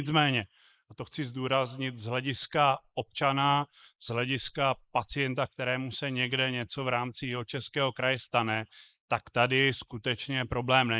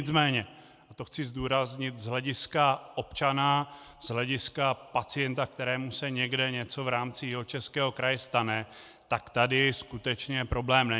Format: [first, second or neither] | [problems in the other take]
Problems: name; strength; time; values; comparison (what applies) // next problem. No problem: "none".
second | noise reduction (neural mask model Resemble Enhance denoiser)